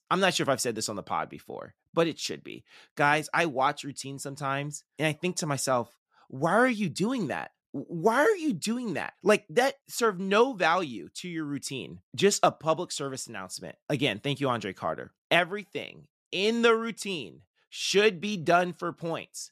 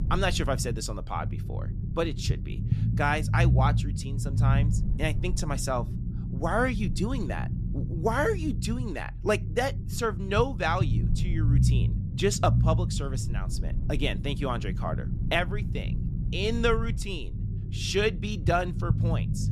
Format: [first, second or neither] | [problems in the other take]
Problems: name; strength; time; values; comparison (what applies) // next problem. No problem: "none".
first | low rumble; noticeable; throughout; 10 dB below the speech